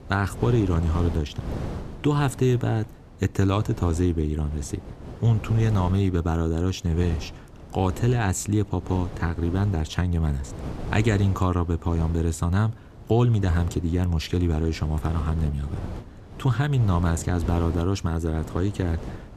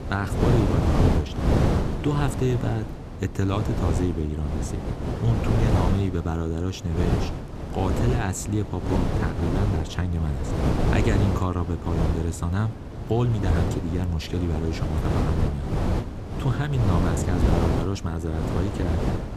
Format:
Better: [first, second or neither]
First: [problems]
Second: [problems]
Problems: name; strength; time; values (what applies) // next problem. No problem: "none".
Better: first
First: wind noise on the microphone; occasional gusts; 15 dB below the speech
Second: wind noise on the microphone; heavy; as loud as the speech